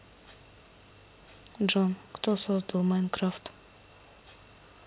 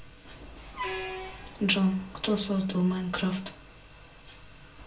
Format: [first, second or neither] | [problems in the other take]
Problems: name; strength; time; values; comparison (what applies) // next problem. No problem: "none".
first | background sound (Truck); 12 dB below the speech // room echo; dies away in 0.3 s